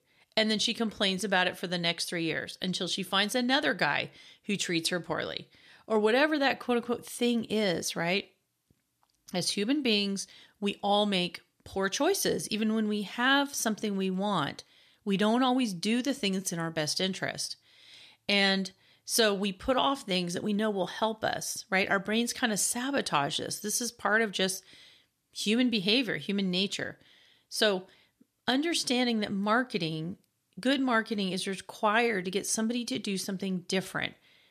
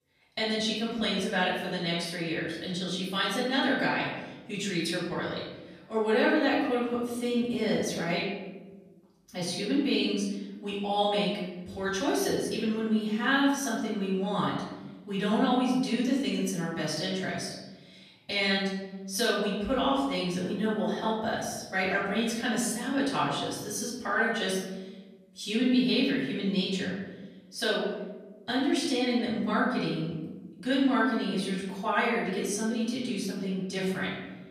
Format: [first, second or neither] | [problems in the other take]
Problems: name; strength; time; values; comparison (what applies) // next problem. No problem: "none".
first | off-mic speech; far // room echo; noticeable; dies away in 1.2 s